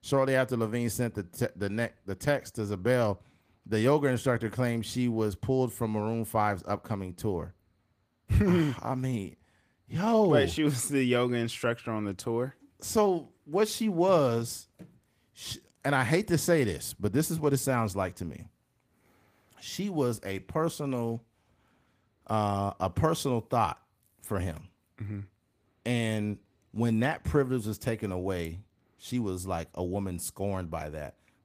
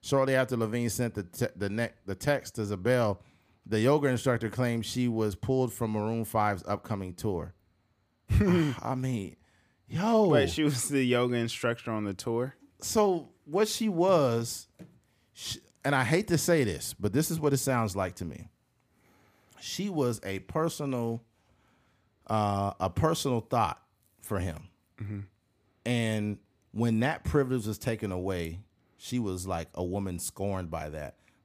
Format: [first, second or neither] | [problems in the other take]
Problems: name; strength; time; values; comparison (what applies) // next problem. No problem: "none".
second | garbled, watery; slightly; nothing above 15 kHz